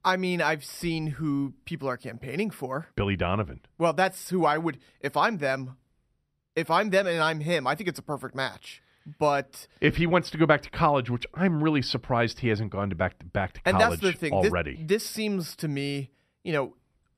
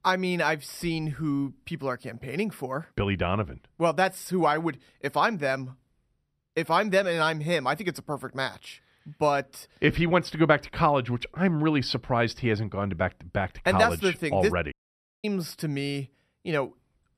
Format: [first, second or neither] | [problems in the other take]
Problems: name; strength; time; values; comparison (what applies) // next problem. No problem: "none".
first | audio cutting out; at 15 s for 0.5 s